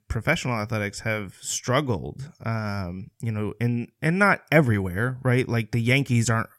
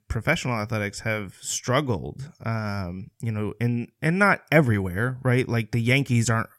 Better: neither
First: none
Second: none

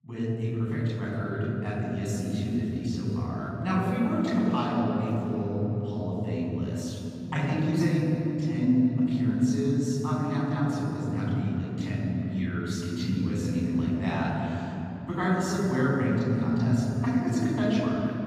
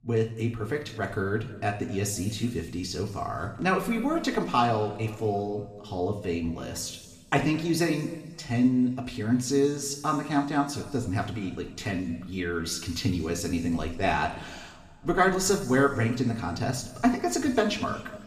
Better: second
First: room echo; strong; dies away in 3 s // off-mic speech; far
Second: room echo; slight; dies away in 1.8 s // off-mic speech; somewhat distant

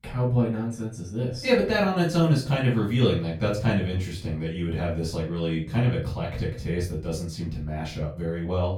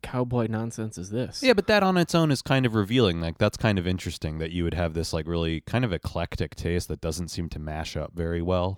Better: second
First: room echo; slight; dies away in 0.3 s // off-mic speech; far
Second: none

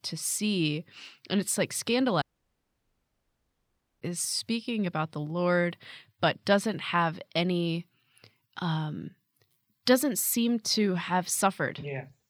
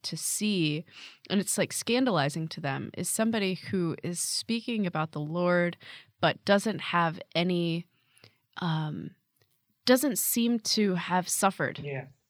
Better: second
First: audio cutting out; at 2 s for 2 s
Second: none

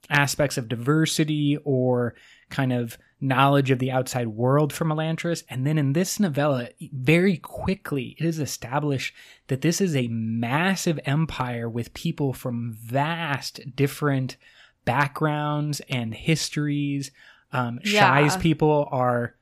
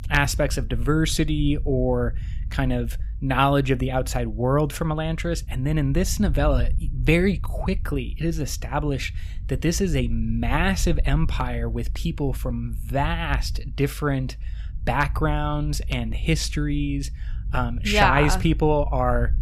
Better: first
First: none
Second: low rumble; faint; throughout; 25 dB below the speech

